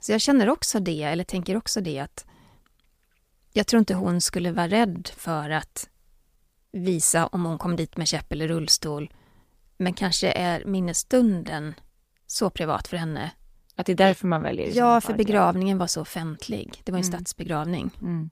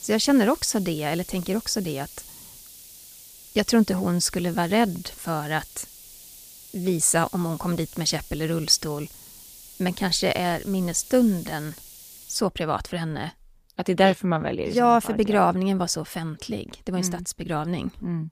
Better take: first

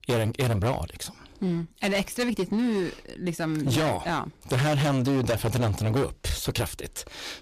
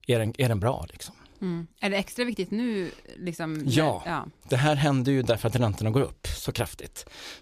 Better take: second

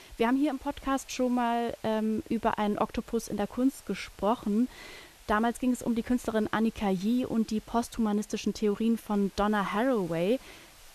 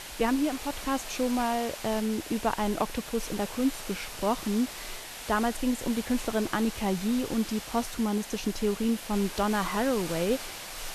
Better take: first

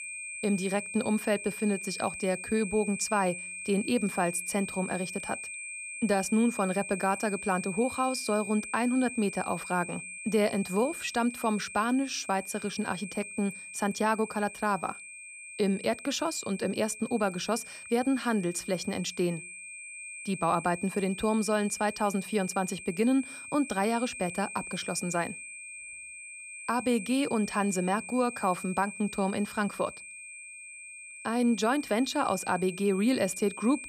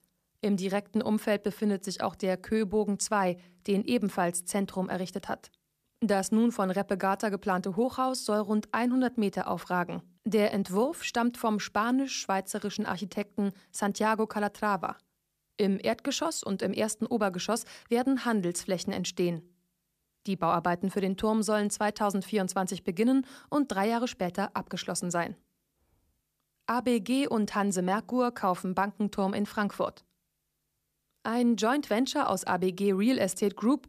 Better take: second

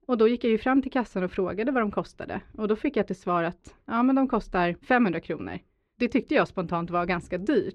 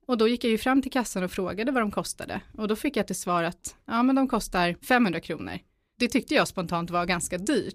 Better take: second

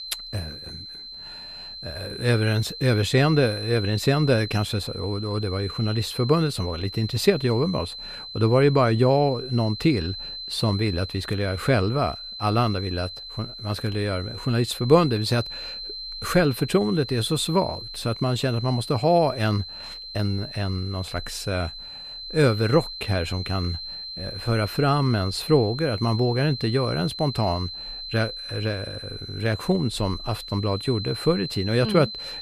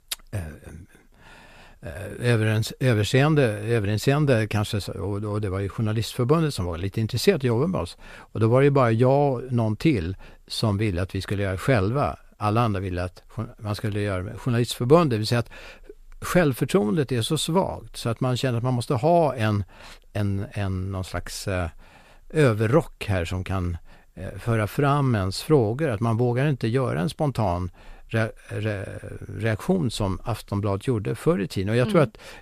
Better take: second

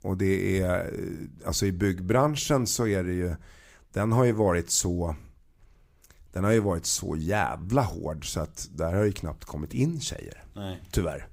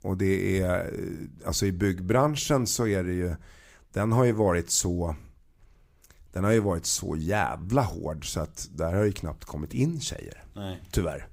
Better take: neither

